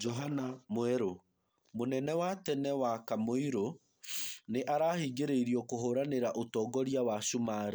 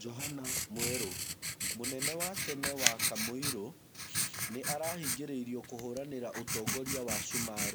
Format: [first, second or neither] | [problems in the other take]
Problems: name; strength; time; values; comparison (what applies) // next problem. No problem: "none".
first | background sound (Writing); 4 dB above the speech